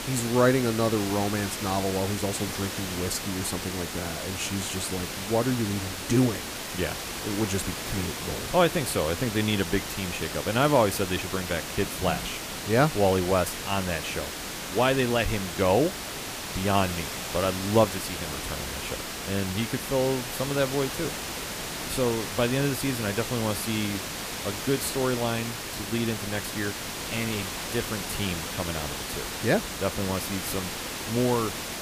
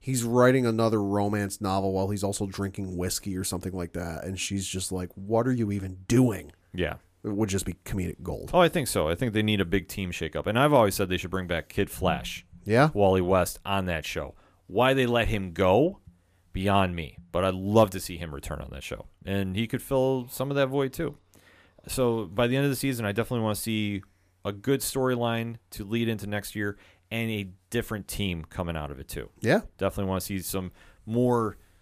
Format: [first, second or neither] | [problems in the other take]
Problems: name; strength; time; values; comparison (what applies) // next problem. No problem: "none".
second | hiss; loud; throughout; 5 dB below the speech